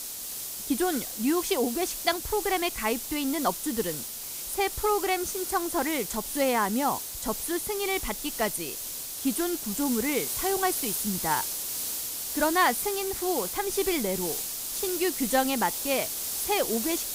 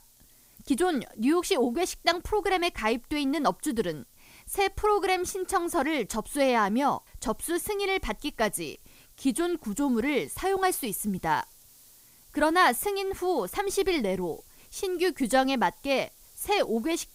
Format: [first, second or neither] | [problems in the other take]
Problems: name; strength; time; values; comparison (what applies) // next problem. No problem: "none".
second | hiss; loud; throughout; 3 dB below the speech; faint in the second